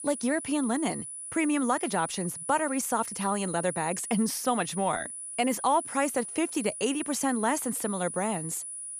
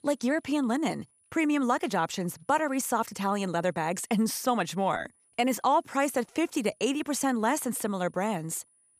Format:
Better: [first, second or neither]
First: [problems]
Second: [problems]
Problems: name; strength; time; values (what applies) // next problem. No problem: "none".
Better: second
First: high-pitched whine; loud; throughout; 10 kHz, 7 dB below the speech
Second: high-pitched whine; faint; throughout; 10 kHz, 35 dB below the speech